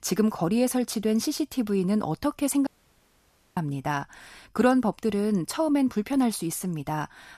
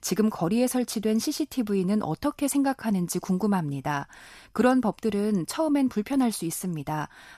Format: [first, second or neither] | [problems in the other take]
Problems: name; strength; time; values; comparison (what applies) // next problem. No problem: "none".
second | audio cutting out; at 2.5 s for 1 s